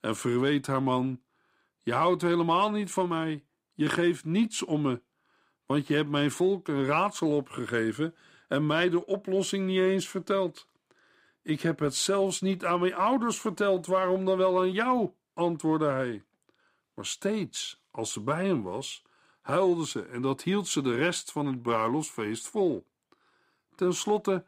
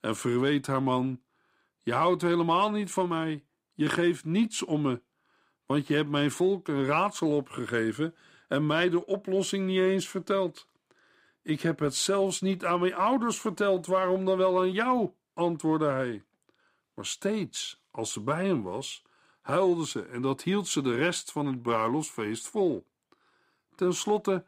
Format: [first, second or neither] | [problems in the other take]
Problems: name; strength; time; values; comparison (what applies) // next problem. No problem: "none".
neither | none